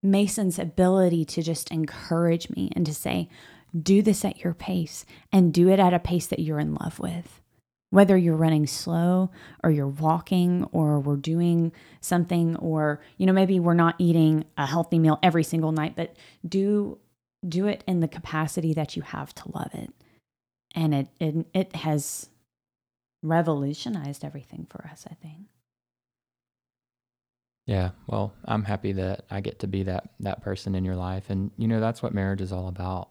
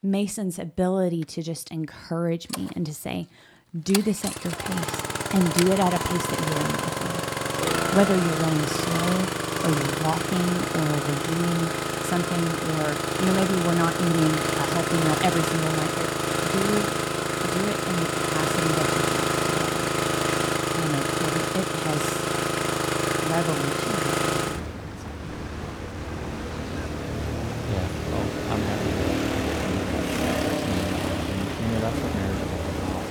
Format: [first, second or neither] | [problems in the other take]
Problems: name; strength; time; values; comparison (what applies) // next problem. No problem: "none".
first | traffic noise; very loud; throughout; 2 dB above the speech